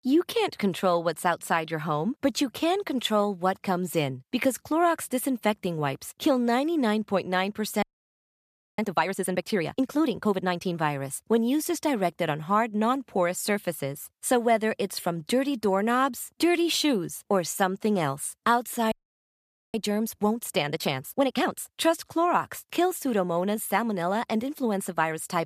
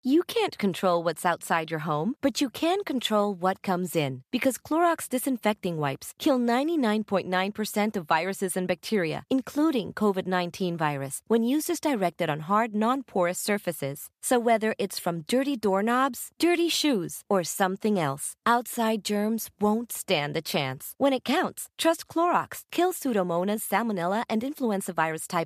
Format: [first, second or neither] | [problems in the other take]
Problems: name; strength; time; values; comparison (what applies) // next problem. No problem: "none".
second | audio freezing; at 8 s for 1 s and at 19 s for 1 s